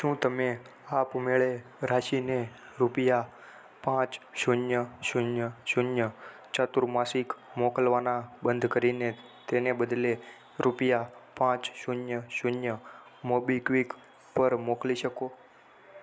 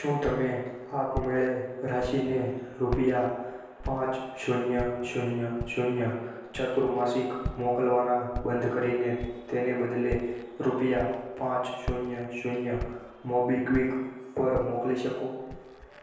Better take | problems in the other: first | background sound (Walk, footsteps); 13 dB below the speech // room echo; dies away in 1.2 s

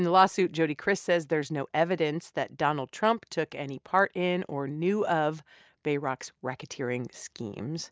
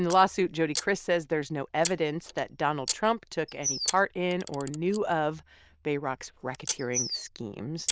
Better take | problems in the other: first | noise reduction (neural diffusion model UNIVERSE++)

